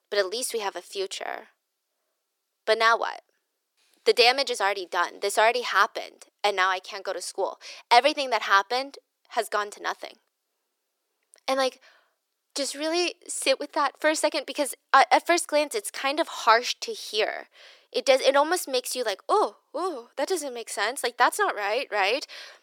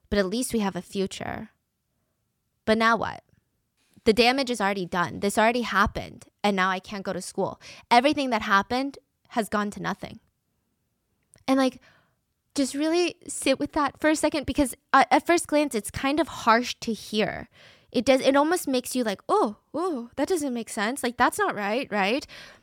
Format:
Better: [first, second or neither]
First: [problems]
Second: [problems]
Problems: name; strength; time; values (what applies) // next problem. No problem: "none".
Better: second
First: thin; very; fading below 350 Hz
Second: none